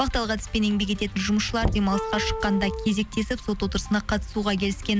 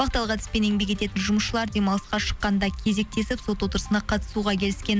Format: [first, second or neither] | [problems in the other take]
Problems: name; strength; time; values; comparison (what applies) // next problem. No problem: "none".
second | background sound (Knock + Wind instrument, woodwind instrument); 6 dB below the speech